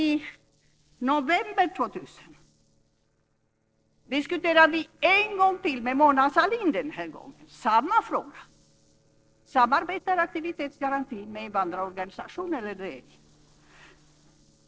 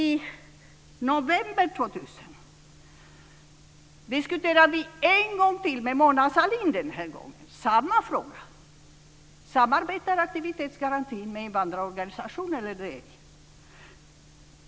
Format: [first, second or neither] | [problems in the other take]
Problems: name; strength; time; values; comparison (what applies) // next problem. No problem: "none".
second | noise reduction (neural separator model SepFormer DNS4)